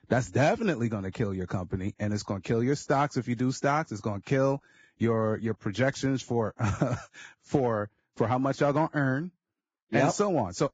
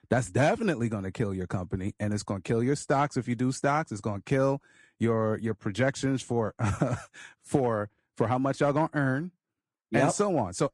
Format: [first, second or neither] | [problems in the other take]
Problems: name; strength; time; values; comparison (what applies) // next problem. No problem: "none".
second | garbled, watery; badly; nothing above 7.5 kHz; slightly in the second